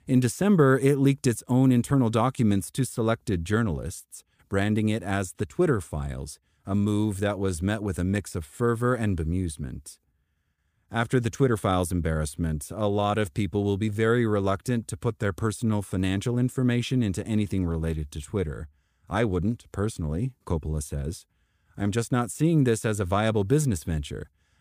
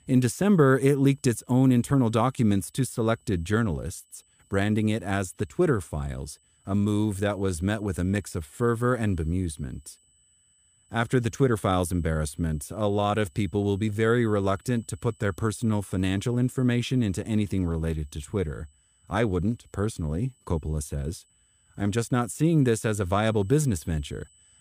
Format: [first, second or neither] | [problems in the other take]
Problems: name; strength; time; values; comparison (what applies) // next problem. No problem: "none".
first | high-pitched whine; faint; throughout; 8 kHz, 35 dB below the speech